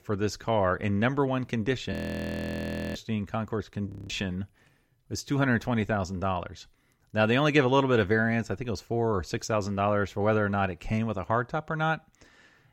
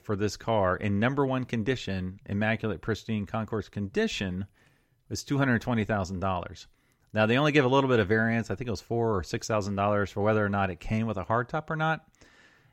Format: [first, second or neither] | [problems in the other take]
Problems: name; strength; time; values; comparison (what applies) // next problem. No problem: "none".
second | audio freezing; at 2 s for 1 s and at 4 s